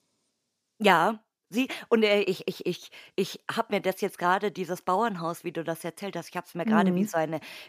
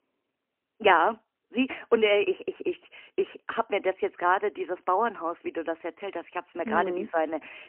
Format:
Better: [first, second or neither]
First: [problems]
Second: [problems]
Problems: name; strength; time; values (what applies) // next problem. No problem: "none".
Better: first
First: none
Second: phone-call audio; poor line; nothing above 3 kHz